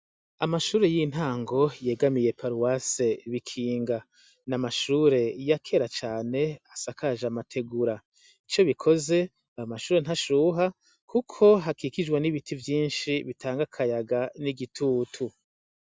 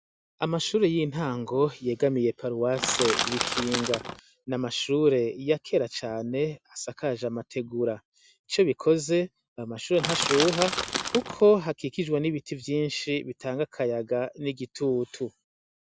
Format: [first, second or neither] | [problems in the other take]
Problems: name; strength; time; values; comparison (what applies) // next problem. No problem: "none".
first | background sound (Crushing); 2 dB below the speech